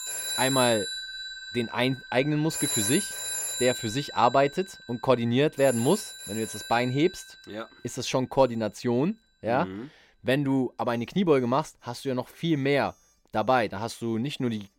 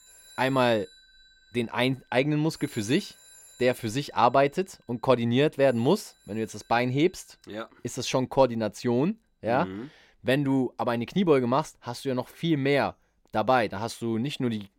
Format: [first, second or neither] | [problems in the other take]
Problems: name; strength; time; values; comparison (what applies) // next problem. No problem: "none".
second | alarms or sirens; loud; throughout; 5 dB below the speech; faint in the second